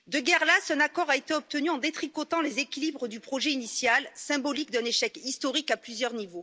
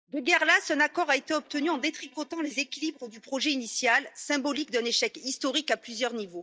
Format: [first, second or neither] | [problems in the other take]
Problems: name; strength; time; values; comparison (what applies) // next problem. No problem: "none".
first | noise reduction (neural mask model DeepFilterNet 3)